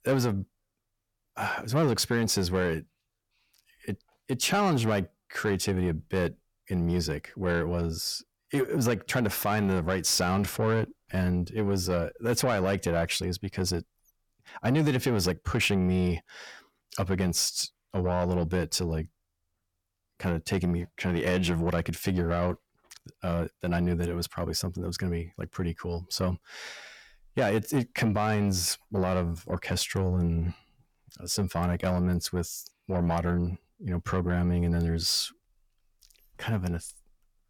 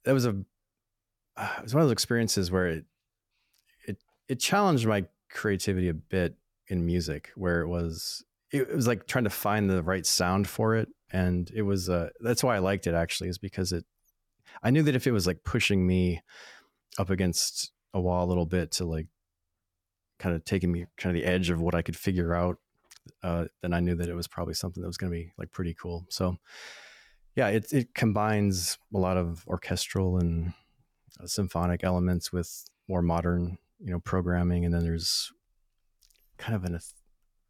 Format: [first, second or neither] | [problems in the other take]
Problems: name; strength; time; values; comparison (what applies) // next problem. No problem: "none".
second | distortion; slight; 10 dB below the speech